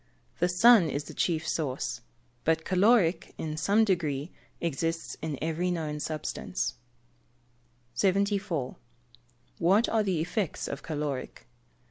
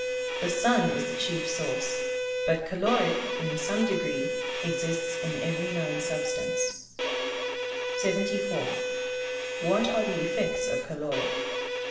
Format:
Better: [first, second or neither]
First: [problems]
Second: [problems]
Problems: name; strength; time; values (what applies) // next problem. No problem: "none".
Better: first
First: none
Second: background sound (Bowed string instrument); as loud as the speech // room echo; dies away in 1 s